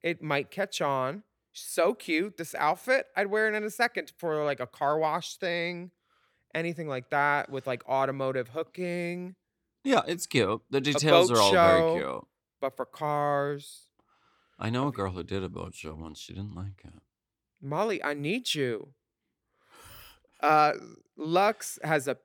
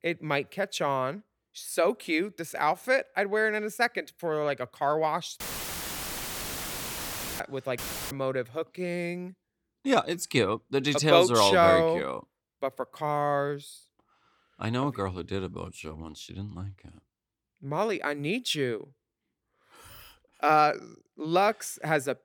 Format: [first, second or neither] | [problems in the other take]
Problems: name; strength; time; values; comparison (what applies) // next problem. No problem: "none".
first | audio cutting out; filled with static; at 5.5 s for 2 s and at 8 s